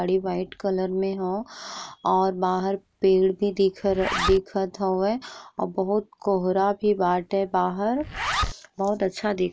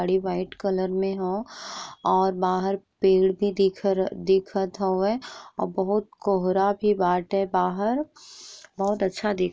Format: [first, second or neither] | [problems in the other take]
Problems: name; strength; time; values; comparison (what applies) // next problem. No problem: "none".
second | background sound (Zipper (clothing)); 9 dB below the speech